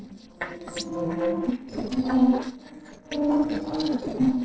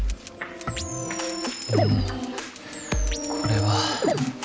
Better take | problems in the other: second | noise reduction (neural separator model SepFormer DNS4)

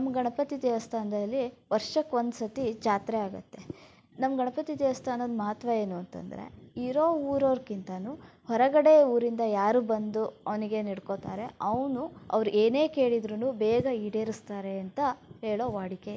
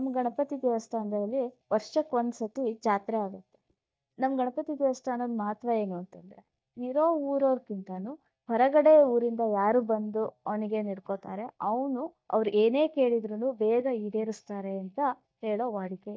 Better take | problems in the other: first | noise reduction (neural mask model DeepFilterNet 3)

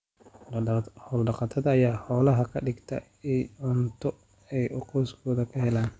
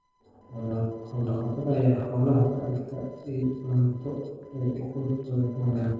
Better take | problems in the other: first | noise reduction (neural separator model SepFormer DNS4)

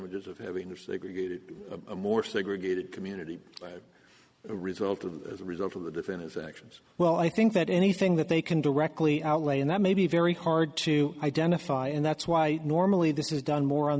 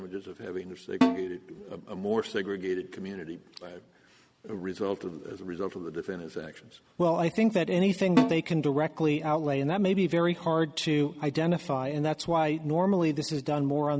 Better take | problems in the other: first | background sound (Snare drum); 1 dB below the speech

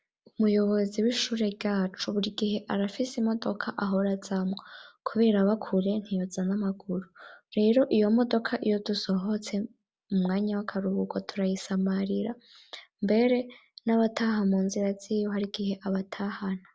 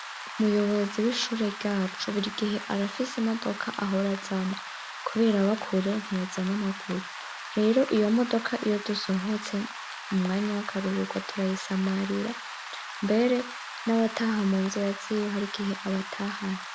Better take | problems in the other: first | background sound (Rain); 11 dB below the speech

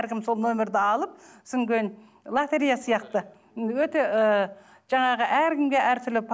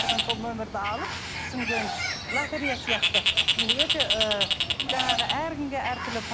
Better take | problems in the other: first | background sound (Bird); 5 dB above the speech

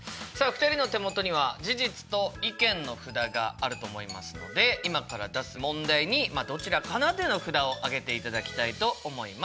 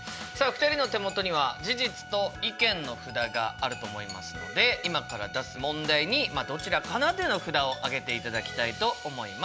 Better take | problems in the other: first | background sound (Bowed string instrument); 15 dB below the speech

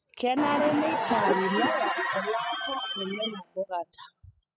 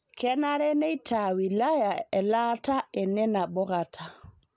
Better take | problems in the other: second | noise reduction (classical method spectral subtraction)

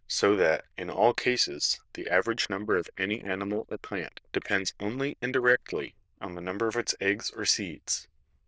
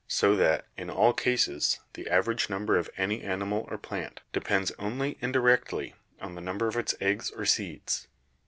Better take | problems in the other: second | noise reduction (neural diffusion model UNIVERSE++)

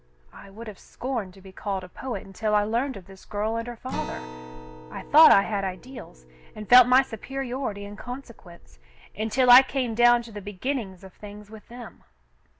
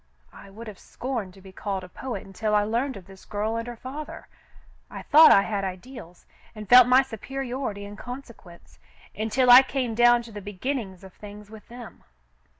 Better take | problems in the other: second | background sound (Acoustic guitar); 19 dB below the speech

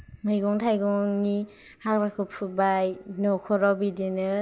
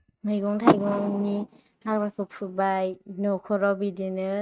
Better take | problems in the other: first | noise reduction (neural mask model RNNoise)

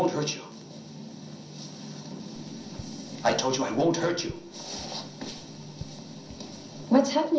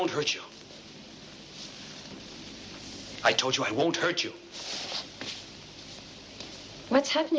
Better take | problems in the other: second | background sound (Raindrop / Drip); 19 dB below the speech // room echo; dies away in 0.6 s

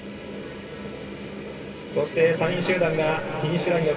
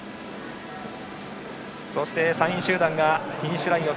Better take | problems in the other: second | room echo; dies away in 2.9 s

